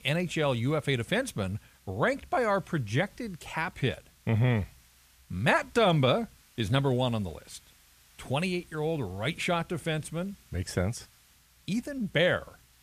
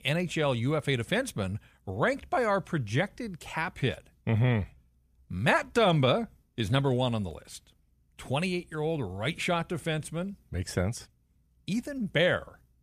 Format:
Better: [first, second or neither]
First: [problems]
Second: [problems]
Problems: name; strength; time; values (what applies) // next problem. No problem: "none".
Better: second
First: hiss; faint; throughout; 30 dB below the speech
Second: none